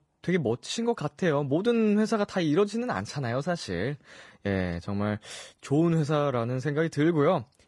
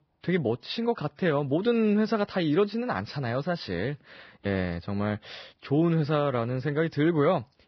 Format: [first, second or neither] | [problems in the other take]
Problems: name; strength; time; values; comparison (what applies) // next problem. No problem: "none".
first | garbled, watery; badly; nothing above 5.5 kHz; slightly in the first